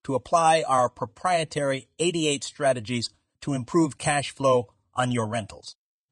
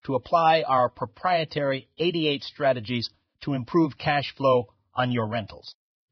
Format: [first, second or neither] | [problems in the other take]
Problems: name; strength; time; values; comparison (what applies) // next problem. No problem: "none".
first | garbled, watery; badly; nothing above 5 kHz; slightly in the first